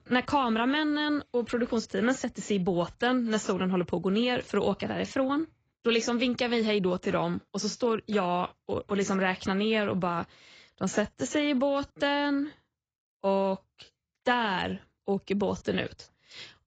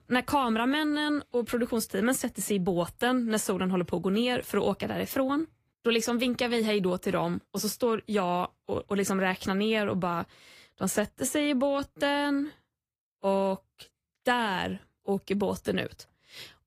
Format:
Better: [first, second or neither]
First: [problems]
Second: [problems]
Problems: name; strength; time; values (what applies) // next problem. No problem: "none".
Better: second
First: garbled, watery; badly; nothing above 7.5 kHz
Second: garbled, watery; slightly; nothing above 15 kHz